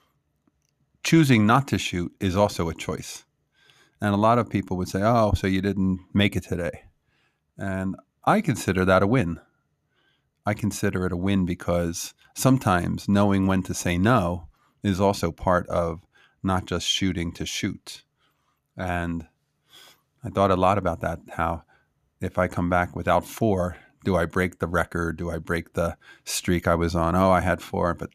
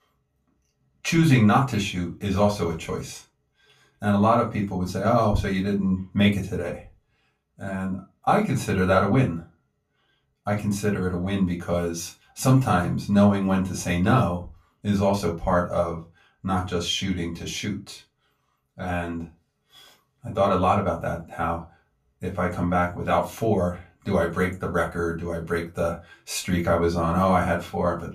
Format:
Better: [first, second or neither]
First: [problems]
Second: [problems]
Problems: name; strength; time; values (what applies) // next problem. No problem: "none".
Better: first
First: none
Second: off-mic speech; far // room echo; very slight; dies away in 0.2 s